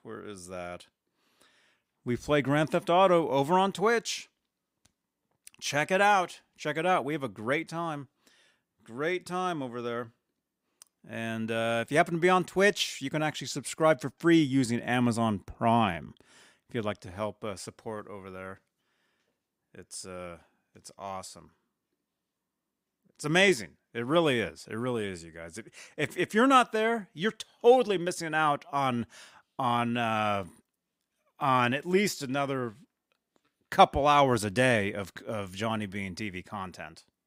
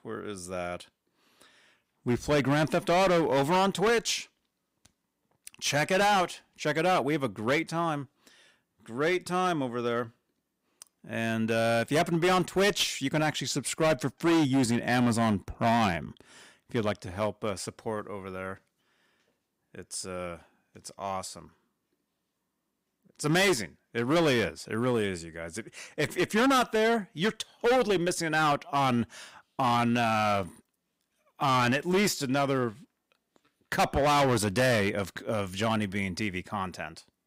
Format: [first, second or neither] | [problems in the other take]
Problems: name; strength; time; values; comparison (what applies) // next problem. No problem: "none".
first | distortion; heavy; 9% of the sound clipped